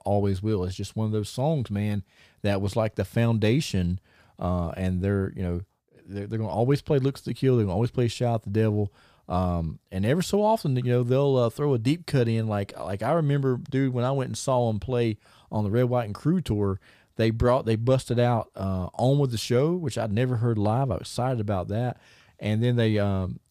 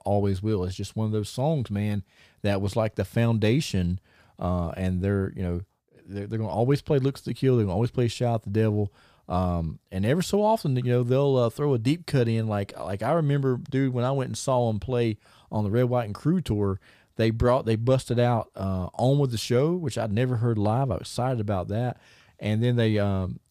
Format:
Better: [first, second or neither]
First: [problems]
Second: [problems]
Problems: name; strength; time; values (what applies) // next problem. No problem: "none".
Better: neither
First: none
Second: none